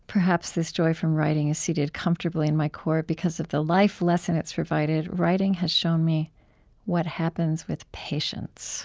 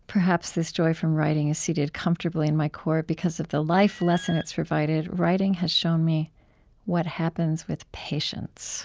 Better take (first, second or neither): first